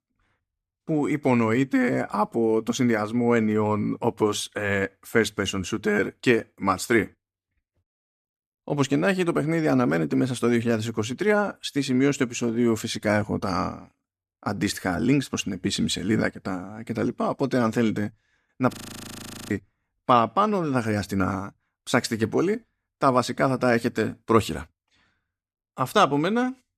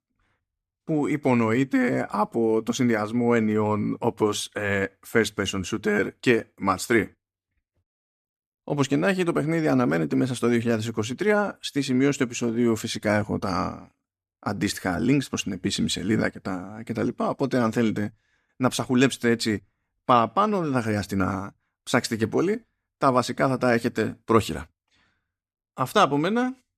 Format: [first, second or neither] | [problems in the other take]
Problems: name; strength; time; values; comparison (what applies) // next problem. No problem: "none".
second | audio freezing; at 19 s for 1 s